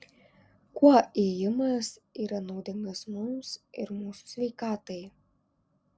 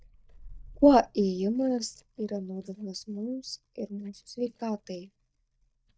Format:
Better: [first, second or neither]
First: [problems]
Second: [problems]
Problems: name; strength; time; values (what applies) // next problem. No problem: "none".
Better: first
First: none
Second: noise reduction (neural mask model DeepFilterNet 3)